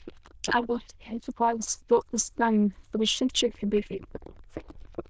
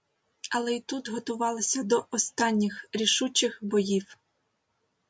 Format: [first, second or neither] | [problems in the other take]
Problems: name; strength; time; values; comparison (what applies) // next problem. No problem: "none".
second | noise reduction (neural diffusion model UNIVERSE++)